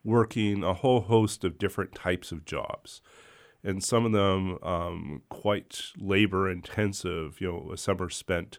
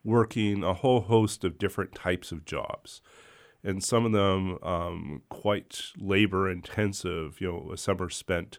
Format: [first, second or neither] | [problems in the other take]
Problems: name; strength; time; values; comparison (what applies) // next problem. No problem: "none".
neither | none